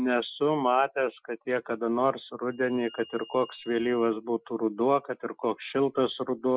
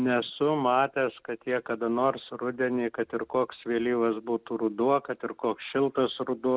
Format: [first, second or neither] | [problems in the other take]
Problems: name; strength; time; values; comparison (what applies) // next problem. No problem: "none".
second | noise reduction (classical method Wiener filter)